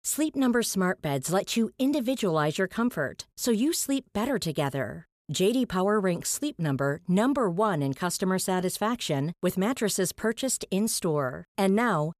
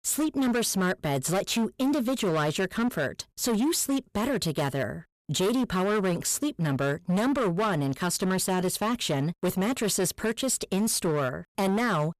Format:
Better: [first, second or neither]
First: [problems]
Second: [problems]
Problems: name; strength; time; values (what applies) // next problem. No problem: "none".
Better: first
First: none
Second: distortion; slight; 18% of the sound clipped